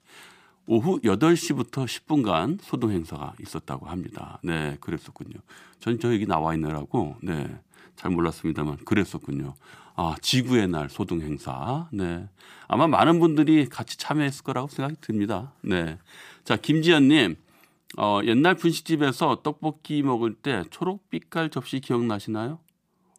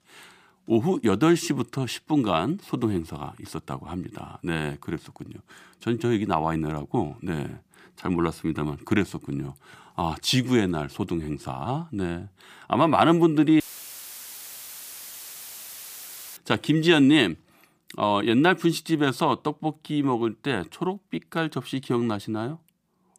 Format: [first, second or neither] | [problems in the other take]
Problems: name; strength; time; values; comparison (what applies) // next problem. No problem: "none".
first | audio cutting out; filled with static; at 14 s for 3 s